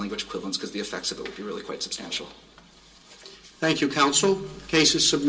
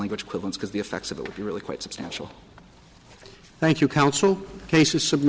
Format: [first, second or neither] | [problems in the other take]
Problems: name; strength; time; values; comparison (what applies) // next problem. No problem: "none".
second | room echo; dies away in 0.2 s